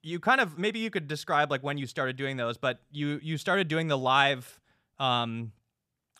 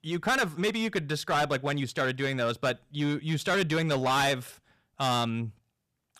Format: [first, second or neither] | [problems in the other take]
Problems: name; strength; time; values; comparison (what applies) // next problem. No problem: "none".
first | distortion; heavy; 11% of the sound clipped